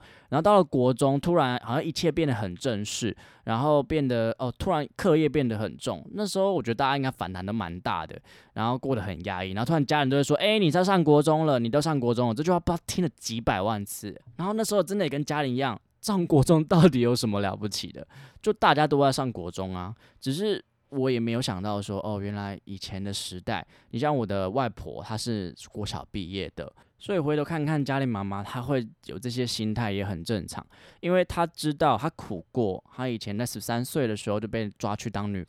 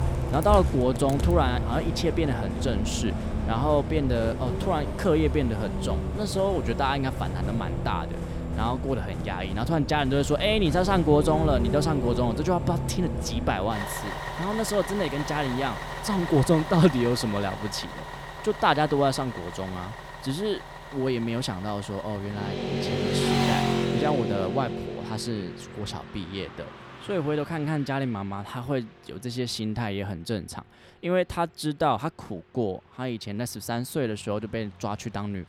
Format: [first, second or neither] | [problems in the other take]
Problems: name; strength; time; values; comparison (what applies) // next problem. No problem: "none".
first | traffic noise; loud; throughout; 4 dB below the speech